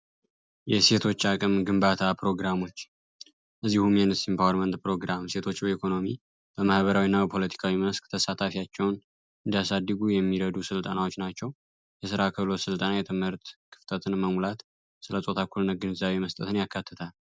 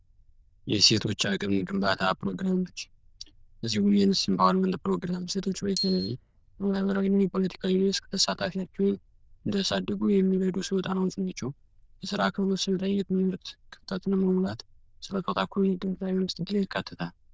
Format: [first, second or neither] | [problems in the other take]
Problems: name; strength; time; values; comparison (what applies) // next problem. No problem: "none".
first | noise reduction (neural diffusion model UNIVERSE++)